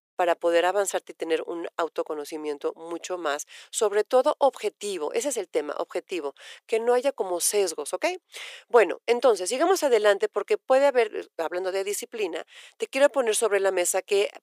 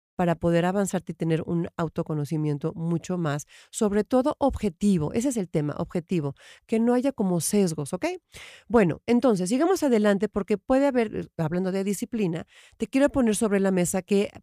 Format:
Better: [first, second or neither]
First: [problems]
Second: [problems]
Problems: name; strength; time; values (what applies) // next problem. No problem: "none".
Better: second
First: thin; very; fading below 400 Hz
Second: none